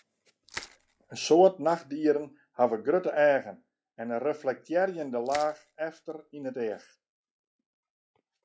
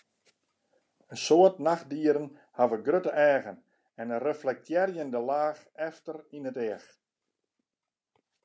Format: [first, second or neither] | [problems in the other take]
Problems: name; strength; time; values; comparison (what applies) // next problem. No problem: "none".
second | noise reduction (classical method log-MMSE)